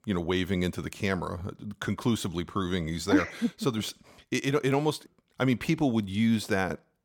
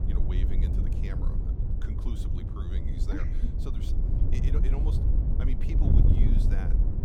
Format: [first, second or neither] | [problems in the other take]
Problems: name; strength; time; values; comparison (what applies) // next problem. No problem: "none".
first | wind noise on the microphone; heavy; 3 dB above the speech